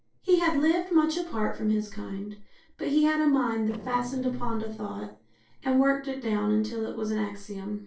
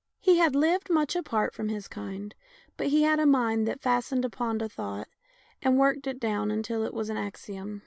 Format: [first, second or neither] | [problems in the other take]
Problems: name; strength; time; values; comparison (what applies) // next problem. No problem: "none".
second | noise reduction (neural separator model SepFormer DNS4)